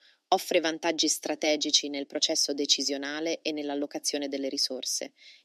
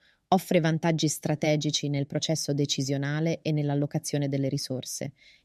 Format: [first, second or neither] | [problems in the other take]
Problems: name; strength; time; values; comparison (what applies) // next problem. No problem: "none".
second | thin; somewhat; fading below 300 Hz